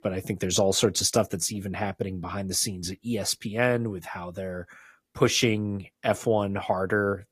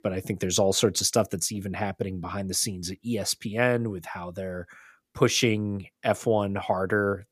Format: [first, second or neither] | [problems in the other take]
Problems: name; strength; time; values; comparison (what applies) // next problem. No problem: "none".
second | garbled, watery; slightly; nothing above 15 kHz